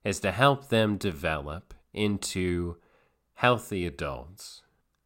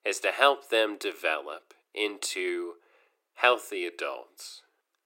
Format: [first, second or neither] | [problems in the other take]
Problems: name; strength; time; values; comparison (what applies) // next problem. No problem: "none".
first | thin; very; fading below 350 Hz